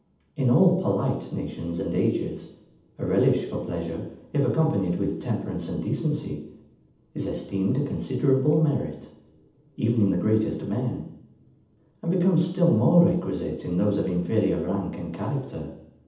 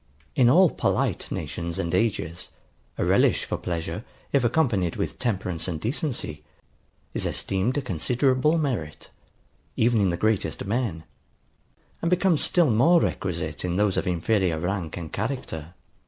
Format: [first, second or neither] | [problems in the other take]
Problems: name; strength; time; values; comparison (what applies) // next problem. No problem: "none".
second | room echo; dies away in 0.8 s